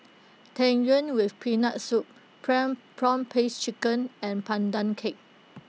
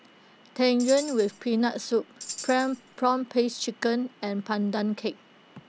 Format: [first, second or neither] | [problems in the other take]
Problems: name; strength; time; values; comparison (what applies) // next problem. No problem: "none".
first | background sound (Tambourine); 15 dB below the speech